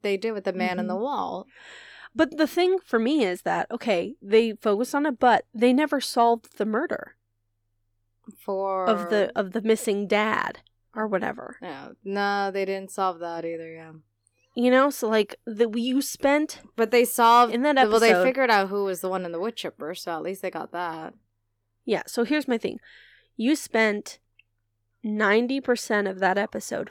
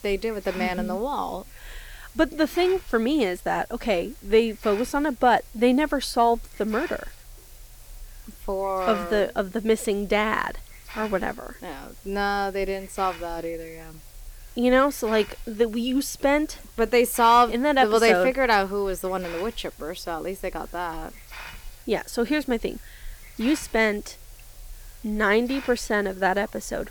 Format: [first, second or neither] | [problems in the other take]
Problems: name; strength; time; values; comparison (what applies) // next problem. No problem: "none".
first | hiss; noticeable; throughout; 20 dB below the speech